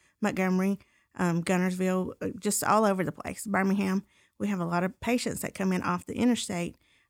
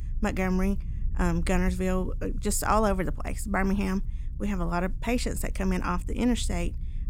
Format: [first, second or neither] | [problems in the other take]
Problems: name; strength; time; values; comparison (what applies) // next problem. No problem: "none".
first | low rumble; faint; throughout; 25 dB below the speech